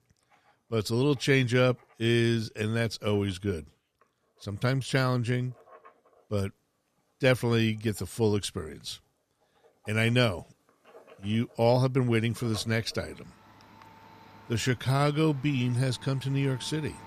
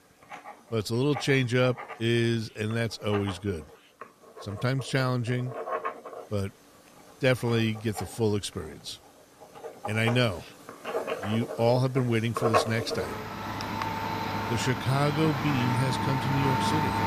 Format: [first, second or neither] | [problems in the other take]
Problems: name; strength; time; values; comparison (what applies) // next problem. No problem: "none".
first | household noises; loud; throughout; 4 dB below the speech; faint in the first